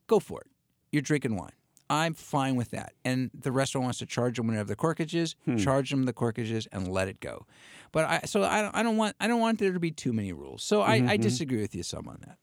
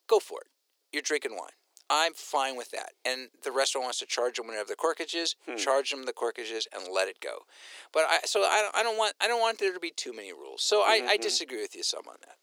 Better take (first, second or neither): first